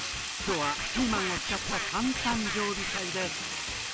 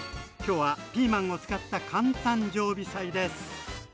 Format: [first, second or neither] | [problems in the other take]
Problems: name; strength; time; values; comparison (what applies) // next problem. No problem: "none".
second | background sound (Scratching (performance technique) + Sink (filling or washing)); as loud as the speech